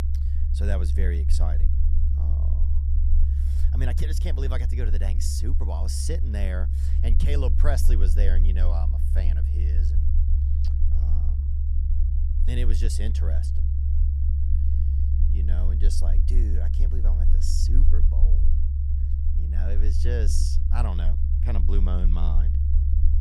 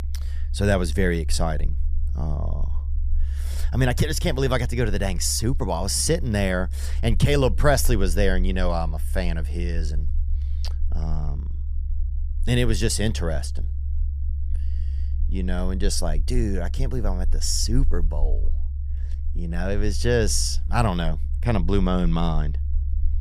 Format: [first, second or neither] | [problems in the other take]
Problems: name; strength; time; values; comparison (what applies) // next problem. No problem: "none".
second | low rumble; loud; throughout; 5 dB below the speech; faint in the second